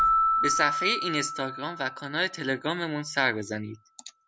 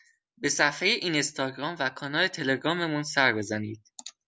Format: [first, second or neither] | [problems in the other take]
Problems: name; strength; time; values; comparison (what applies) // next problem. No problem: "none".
second | background sound (Keyboard (musical)); as loud as the speech